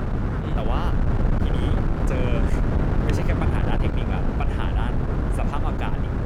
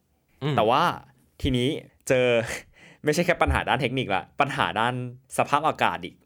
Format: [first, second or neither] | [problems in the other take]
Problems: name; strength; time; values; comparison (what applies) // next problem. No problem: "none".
second | wind noise on the microphone; heavy; 2 dB above the speech